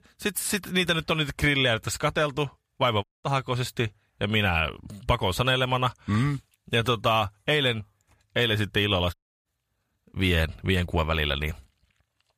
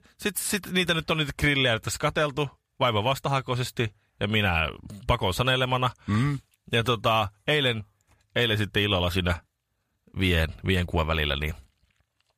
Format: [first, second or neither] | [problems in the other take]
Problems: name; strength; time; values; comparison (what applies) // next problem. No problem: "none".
second | audio cutting out; at 3 s and at 9 s